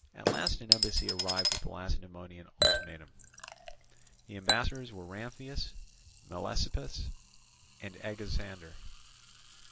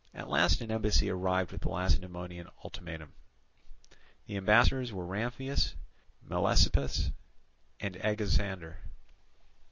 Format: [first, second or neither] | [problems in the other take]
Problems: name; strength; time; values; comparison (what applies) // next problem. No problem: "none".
second | background sound (Chink, clink / Liquid); 1 dB above the speech